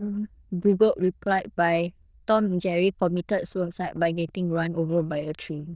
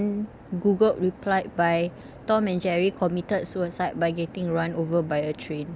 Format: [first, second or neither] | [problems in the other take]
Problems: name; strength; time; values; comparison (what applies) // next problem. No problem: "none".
second | noise reduction (neural diffusion model UNIVERSE++)